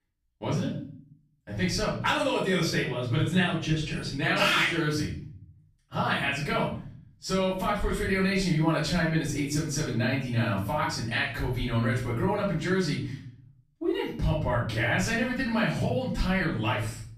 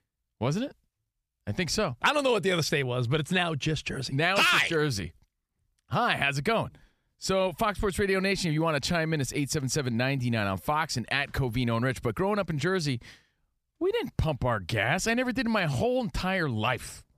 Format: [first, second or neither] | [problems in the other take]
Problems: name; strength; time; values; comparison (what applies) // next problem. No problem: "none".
second | off-mic speech; far // room echo; noticeable; dies away in 0.6 s